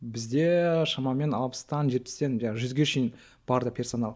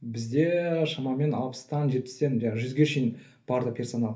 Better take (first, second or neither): first